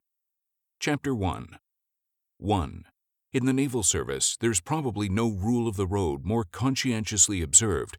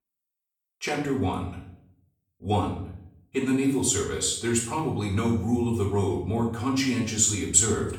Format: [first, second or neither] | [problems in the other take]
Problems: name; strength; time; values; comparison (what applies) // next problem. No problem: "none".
first | off-mic speech; far // room echo; noticeable; dies away in 0.6 s